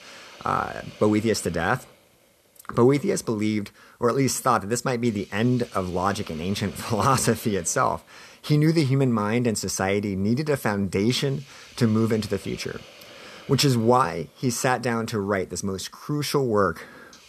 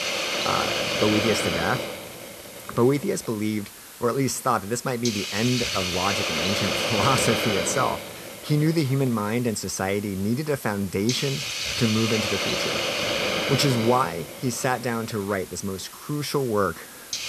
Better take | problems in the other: first | hiss; loud; throughout; as loud as the speech; faint in the first

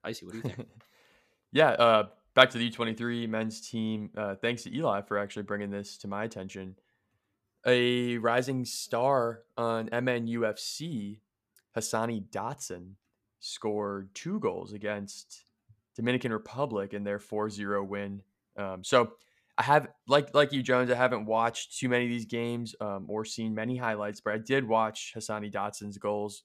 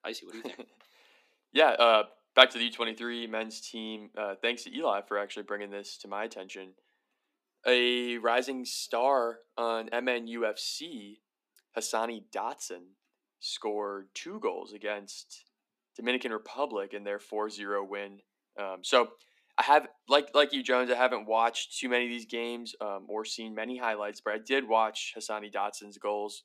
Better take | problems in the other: first | thin; very slightly; fading below 250 Hz

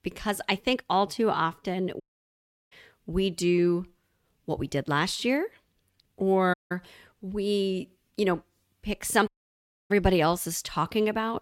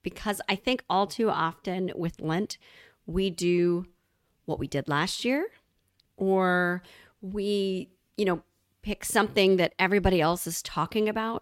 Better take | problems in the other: second | audio cutting out; at 2 s for 0.5 s, at 6.5 s and at 9.5 s for 0.5 s

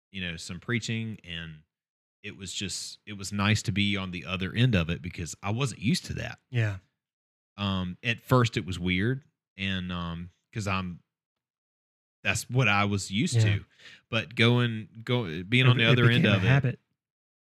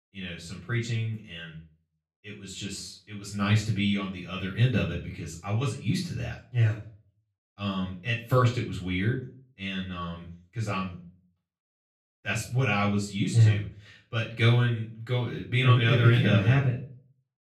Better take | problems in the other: first | off-mic speech; far // room echo; slight; dies away in 0.3 s

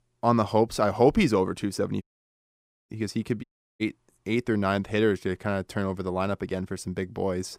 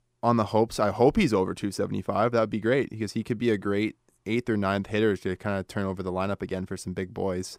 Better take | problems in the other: second | audio cutting out; at 2 s for 1 s and at 3.5 s

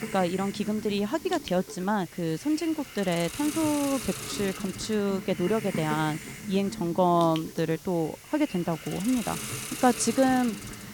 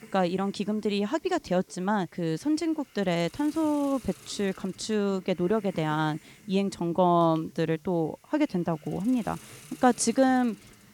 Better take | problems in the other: second | hiss; loud; throughout; 10 dB below the speech; faint in the second

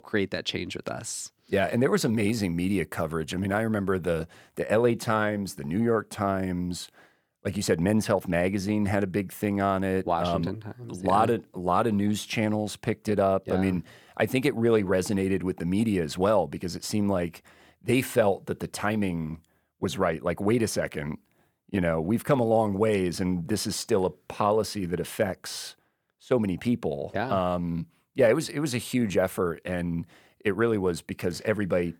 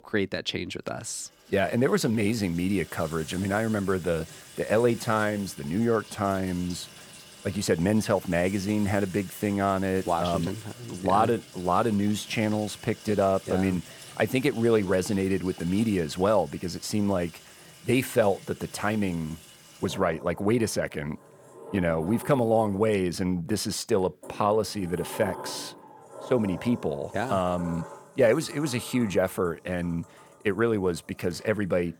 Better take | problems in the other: first | household noises; noticeable; throughout; 20 dB below the speech

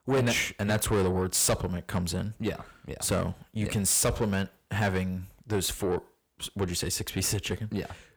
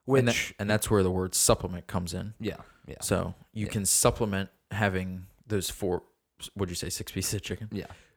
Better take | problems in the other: second | distortion; heavy; 7 dB below the speech

